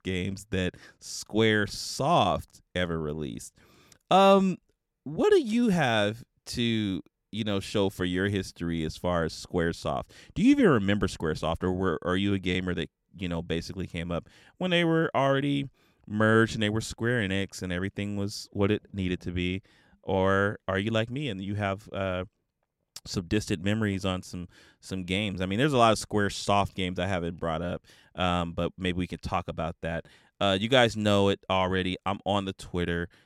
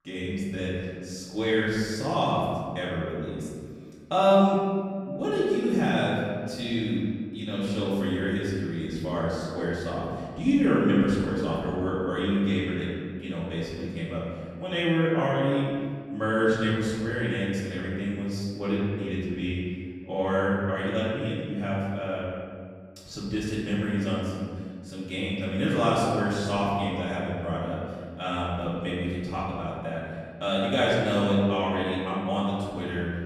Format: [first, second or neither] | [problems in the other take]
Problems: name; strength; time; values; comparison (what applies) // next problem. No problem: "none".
first | off-mic speech; far // room echo; strong; dies away in 1.8 s